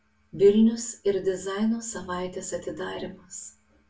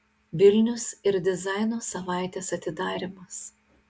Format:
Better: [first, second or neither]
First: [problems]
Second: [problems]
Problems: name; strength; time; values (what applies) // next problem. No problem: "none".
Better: second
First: room echo; dies away in 0.3 s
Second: none